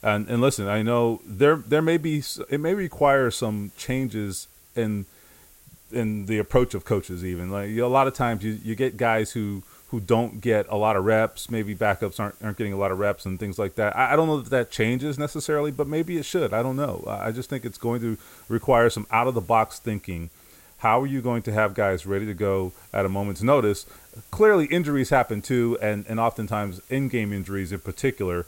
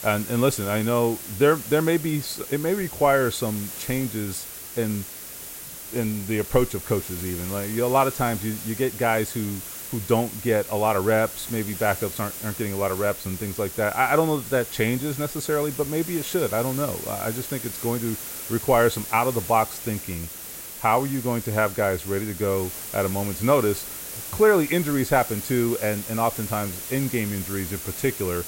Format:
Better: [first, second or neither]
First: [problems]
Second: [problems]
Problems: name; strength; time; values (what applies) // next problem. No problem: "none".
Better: first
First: hiss; faint; throughout; 25 dB below the speech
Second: hiss; loud; throughout; 8 dB below the speech